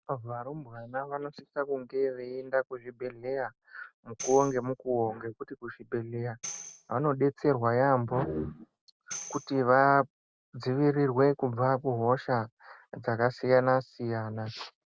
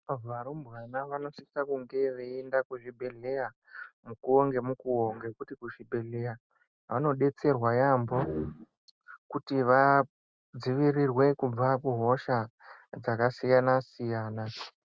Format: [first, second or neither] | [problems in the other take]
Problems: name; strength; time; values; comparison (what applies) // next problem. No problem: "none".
second | background sound (Tambourine); 17 dB below the speech